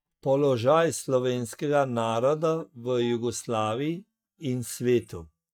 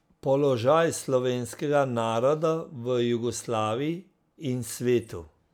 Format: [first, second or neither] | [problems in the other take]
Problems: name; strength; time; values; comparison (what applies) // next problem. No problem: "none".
second | noise reduction (neural mask model DeepFilterNet 3)